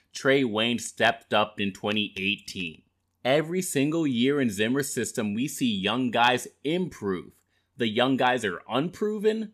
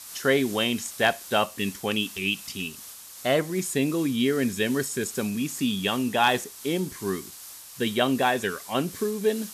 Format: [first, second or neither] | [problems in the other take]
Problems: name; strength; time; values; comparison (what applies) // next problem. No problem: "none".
first | hiss; noticeable; throughout; 15 dB below the speech